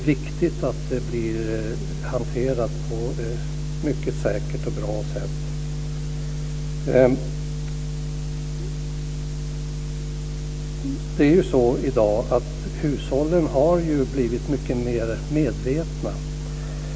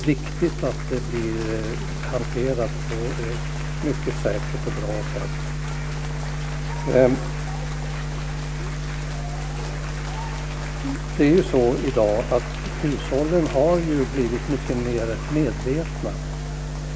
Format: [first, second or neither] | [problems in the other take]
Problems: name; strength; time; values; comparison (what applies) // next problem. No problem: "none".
first | background sound (Applause / Cheering); 14 dB below the speech